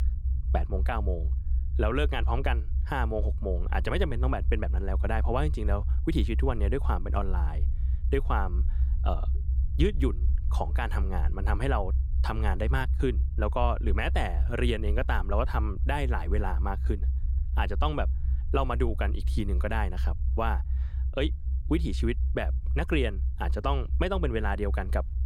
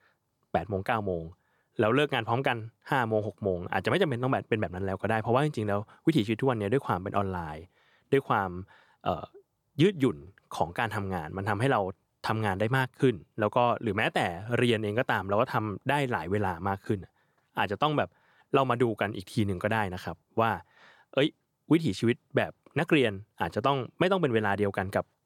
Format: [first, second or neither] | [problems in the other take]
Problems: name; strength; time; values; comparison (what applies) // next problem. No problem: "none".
second | low rumble; noticeable; throughout; 15 dB below the speech